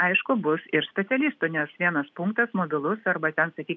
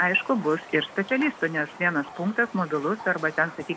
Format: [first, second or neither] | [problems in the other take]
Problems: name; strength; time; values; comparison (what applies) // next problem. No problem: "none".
first | background sound (Raindrop); 17 dB below the speech